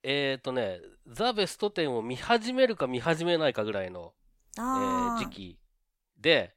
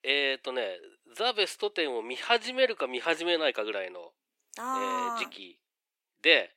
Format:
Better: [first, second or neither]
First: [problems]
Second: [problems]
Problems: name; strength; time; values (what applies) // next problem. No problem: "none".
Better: first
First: none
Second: thin; somewhat; fading below 350 Hz